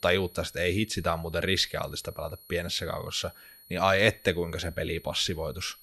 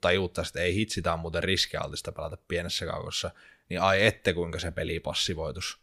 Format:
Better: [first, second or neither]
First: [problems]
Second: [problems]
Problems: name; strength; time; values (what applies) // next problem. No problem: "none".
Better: second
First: high-pitched whine; faint; throughout; 11.5 kHz, 20 dB below the speech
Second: none